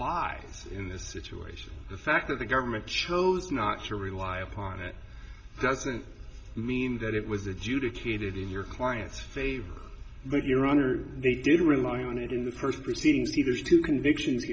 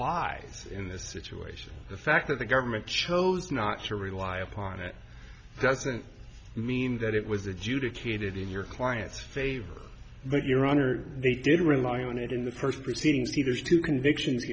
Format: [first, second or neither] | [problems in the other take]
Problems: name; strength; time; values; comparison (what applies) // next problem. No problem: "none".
second | room echo; dies away in 1.8 s